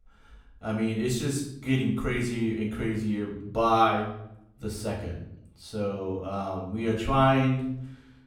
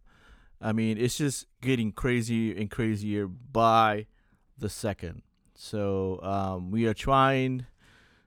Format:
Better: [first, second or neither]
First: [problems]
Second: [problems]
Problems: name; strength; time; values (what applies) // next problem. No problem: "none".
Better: second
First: room echo; noticeable; dies away in 0.6 s // off-mic speech; far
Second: none